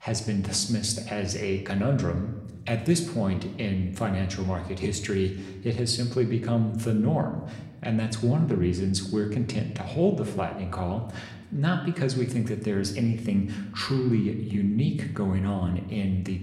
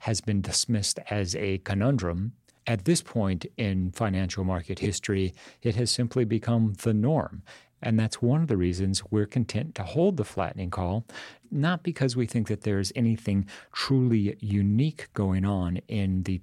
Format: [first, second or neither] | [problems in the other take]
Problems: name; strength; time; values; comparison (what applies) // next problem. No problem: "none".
second | room echo; slight; dies away in 0.8 s